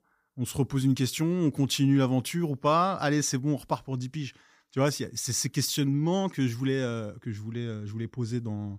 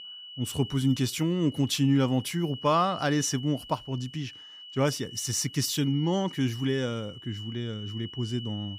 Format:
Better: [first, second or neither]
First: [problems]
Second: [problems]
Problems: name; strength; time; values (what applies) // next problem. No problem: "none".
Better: first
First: none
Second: high-pitched whine; noticeable; throughout; 3 kHz, 15 dB below the speech